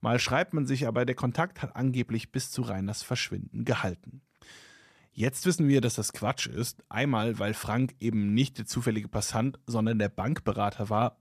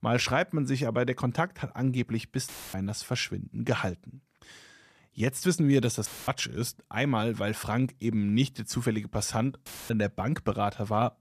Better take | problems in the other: first | audio cutting out; filled with static; at 2.5 s, at 6 s and at 9.5 s

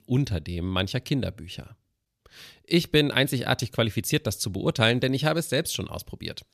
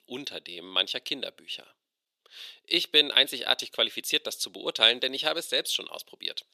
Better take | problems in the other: first | thin; very; fading below 400 Hz

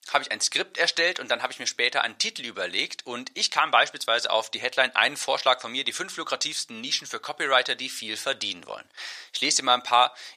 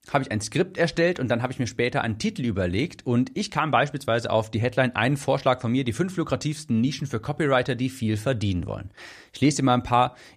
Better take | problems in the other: second | thin; very; fading below 800 Hz

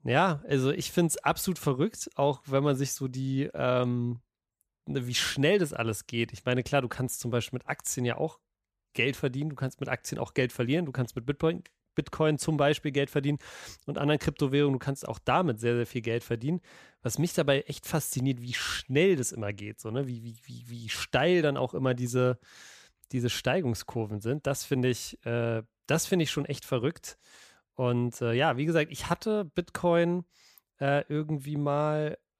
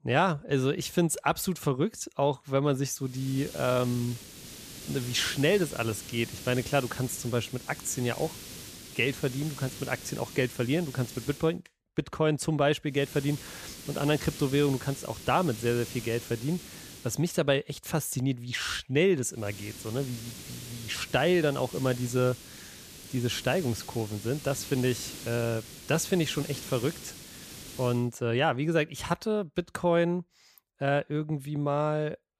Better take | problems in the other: first | hiss; noticeable; from 3 to 11 s, from 13 to 17 s and from 19 to 28 s; 15 dB below the speech

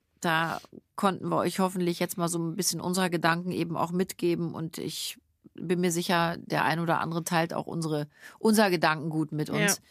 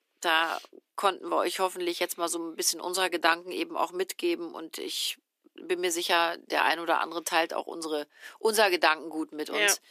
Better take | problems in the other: first | thin; very; fading below 350 Hz

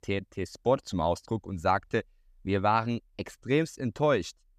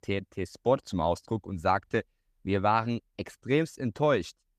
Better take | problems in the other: first | garbled, watery; slightly; nothing above 14.5 kHz

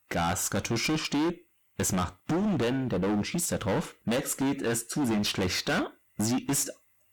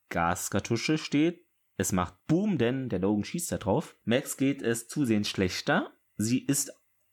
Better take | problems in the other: second | distortion; heavy; 22% of the sound clipped

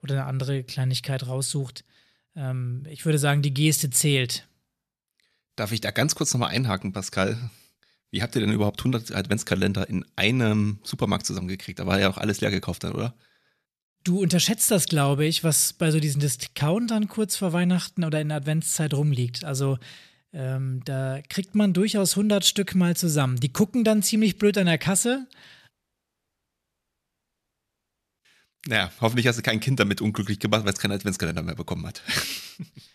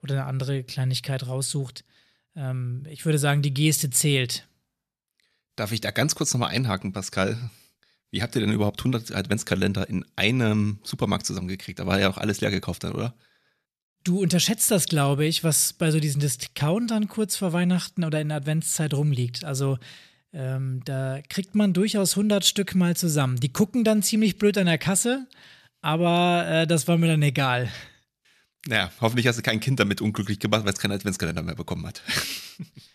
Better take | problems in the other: second | audio cutting out; at 26 s for 2.5 s

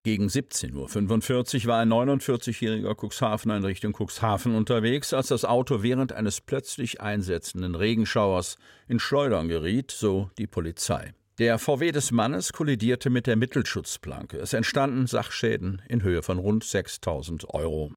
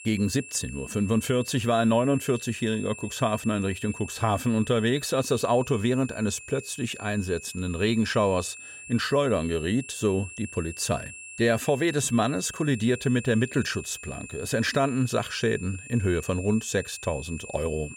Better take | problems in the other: first | high-pitched whine; noticeable; throughout; 2.5 kHz, 15 dB below the speech

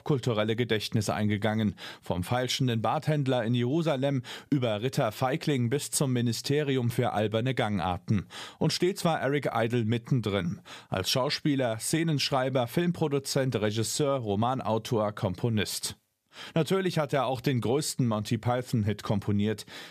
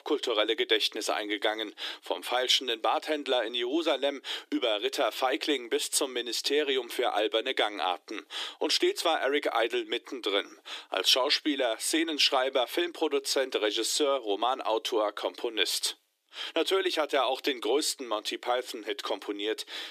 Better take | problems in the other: first | thin; very; fading below 300 Hz

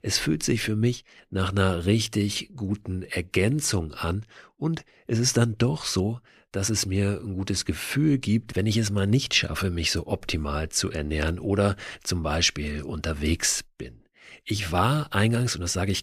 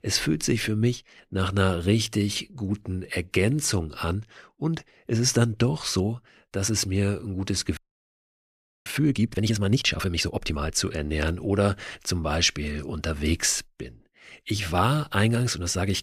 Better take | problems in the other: first | audio freezing; at 8 s for 1 s

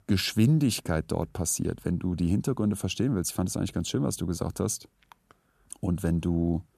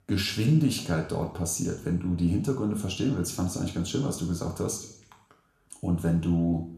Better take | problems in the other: first | room echo; slight; dies away in 0.6 s // off-mic speech; somewhat distant

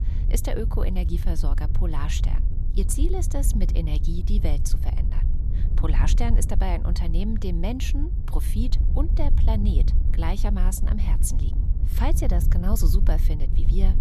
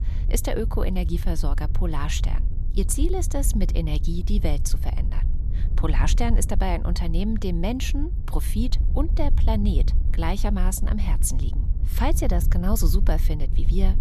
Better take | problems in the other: second | wind noise on the microphone; heavy; 9 dB below the speech; occasional gusts in the second

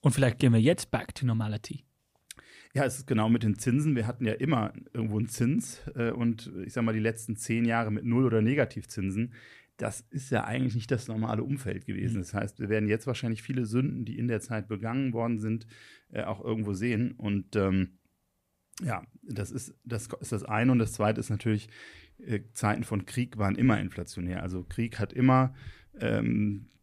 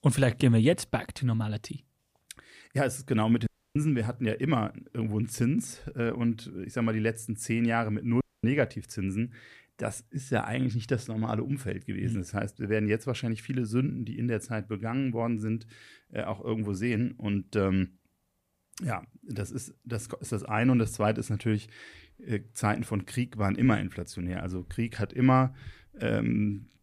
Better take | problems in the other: first | audio cutting out; at 3.5 s and at 8 s

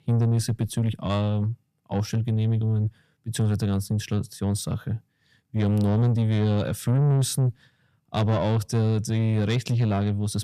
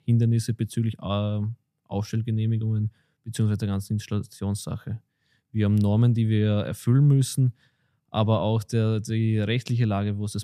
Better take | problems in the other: second | distortion; slight; 10 dB below the speech

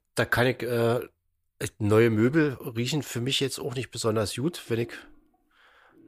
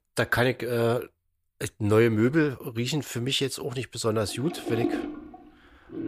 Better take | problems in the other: first | household noises; loud; from 4.5 s on; 8 dB below the speech; faint in the first

